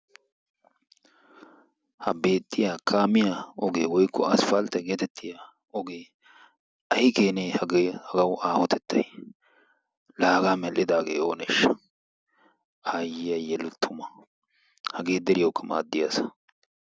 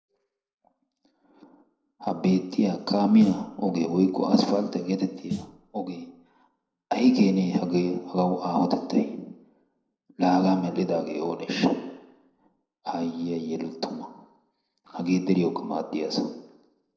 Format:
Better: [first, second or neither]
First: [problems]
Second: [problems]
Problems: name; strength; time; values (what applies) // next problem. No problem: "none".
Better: first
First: none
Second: noise reduction (neural separator model SepFormer DNS4)